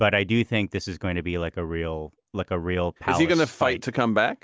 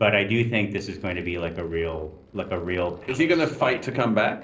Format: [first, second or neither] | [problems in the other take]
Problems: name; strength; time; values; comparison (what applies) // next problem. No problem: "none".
first | noise reduction (neural separator model SepFormer DNS4)